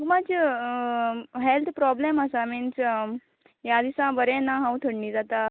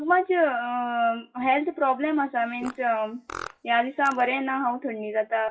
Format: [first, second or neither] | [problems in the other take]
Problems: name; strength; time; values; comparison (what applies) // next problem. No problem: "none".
first | noise reduction (classical method WPE with log-MMSE)